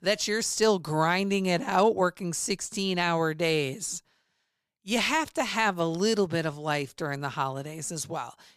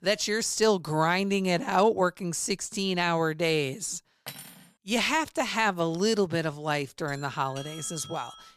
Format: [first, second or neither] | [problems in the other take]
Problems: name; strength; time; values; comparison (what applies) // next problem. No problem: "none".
first | clattering dishes; faint; at 4.5 s; peak 15 dB below the speech // doorbell; faint; from 7 s on; peak 15 dB below the speech